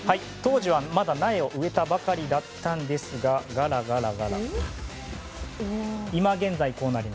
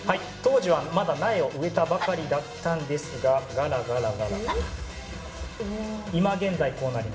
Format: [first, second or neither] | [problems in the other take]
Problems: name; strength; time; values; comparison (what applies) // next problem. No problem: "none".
first | background sound (Dog); 17 dB below the speech // room echo; dies away in 1 s